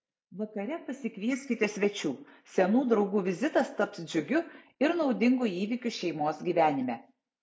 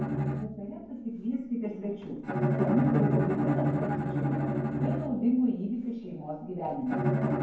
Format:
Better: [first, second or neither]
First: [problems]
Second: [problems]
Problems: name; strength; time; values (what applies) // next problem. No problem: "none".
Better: first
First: none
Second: background sound (Bowed string instrument); 2 dB above the speech // room echo; dies away in 0.9 s